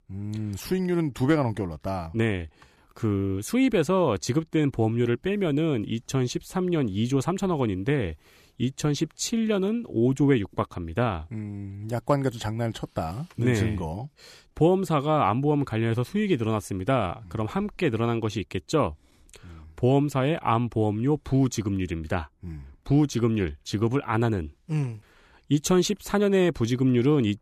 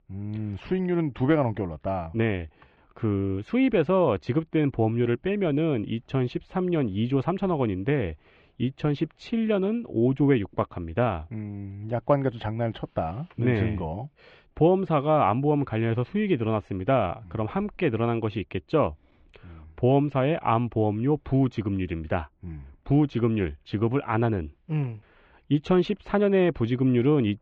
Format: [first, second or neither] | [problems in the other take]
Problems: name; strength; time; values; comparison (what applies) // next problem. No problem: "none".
first | muffled; very; fading above 3 kHz